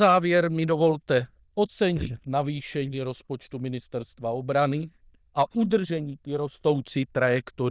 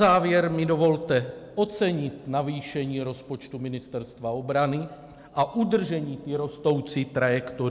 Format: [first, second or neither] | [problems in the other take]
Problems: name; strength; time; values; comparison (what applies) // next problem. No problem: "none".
second | noise reduction (neural diffusion model UNIVERSE++)